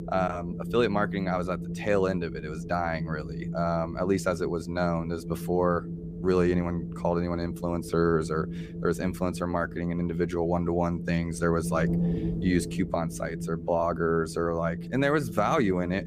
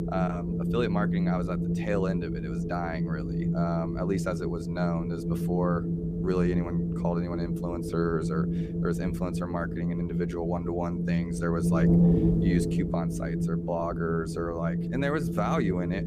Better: first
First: wind noise on the microphone; occasional gusts; 15 dB below the speech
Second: wind noise on the microphone; heavy; 3 dB below the speech

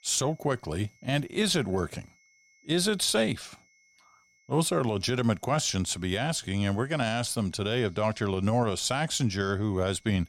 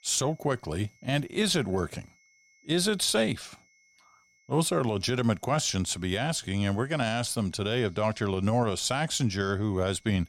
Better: neither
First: high-pitched whine; faint; throughout; 2 kHz, 35 dB below the speech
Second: high-pitched whine; faint; throughout; 2 kHz, 35 dB below the speech

